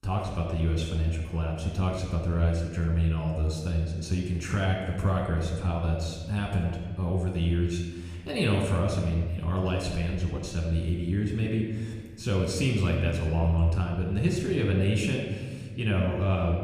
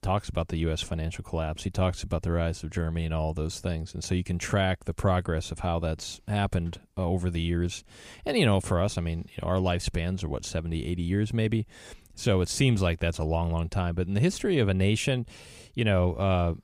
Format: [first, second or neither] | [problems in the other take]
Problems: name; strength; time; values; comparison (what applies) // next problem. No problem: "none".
second | off-mic speech; somewhat distant // room echo; noticeable; dies away in 1.5 s